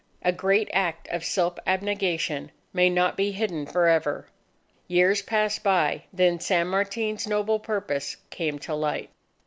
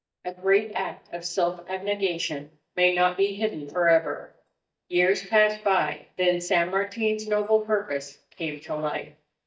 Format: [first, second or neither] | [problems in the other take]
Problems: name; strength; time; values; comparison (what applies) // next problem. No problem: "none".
first | noise reduction (neural mask model DeepFilterNet 3)